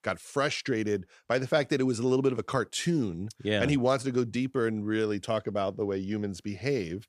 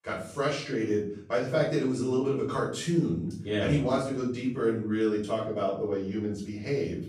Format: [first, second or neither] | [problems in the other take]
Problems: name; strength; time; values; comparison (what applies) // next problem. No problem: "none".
first | off-mic speech; far // room echo; noticeable; dies away in 0.6 s